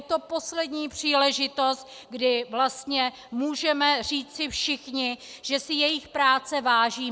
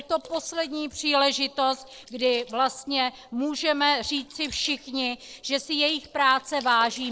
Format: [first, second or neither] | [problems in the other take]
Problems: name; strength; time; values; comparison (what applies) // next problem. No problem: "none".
first | noise reduction (neural separator model SepFormer DNS4)